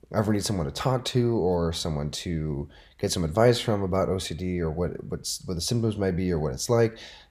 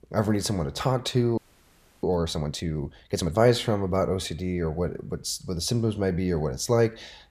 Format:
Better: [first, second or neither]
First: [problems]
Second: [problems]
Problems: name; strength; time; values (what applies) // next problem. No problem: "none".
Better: first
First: none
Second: audio freezing; at 1.5 s for 0.5 s